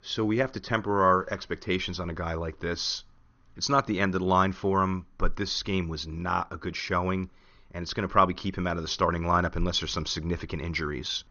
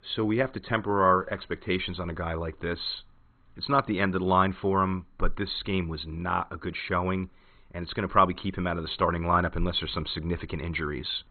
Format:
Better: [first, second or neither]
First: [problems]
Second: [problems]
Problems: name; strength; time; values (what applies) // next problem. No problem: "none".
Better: first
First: garbled, watery; slightly; nothing above 6.5 kHz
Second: garbled, watery; badly; nothing above 4 kHz